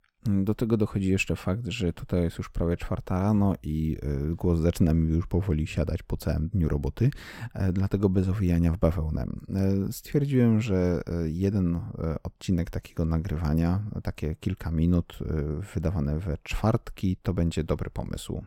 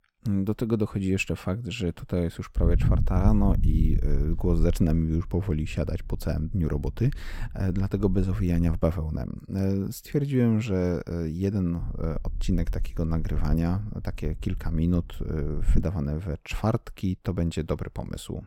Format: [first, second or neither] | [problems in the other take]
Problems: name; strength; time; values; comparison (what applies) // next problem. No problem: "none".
first | low rumble; noticeable; from 2.5 to 9 s and from 12 to 16 s; 10 dB below the speech